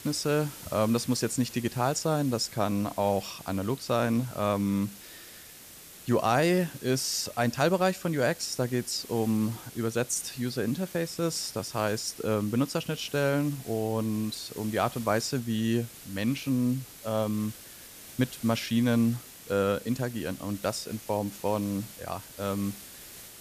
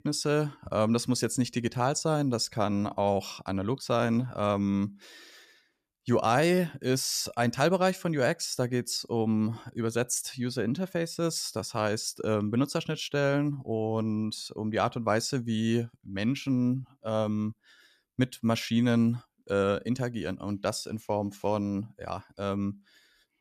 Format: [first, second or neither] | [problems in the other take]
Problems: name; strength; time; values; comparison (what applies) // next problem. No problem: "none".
second | hiss; noticeable; throughout; 15 dB below the speech